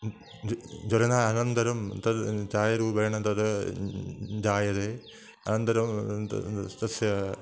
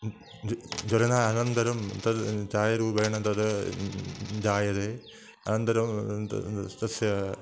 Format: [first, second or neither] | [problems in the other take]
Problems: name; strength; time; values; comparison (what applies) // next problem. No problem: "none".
first | background sound (Coin (dropping)); 15 dB below the speech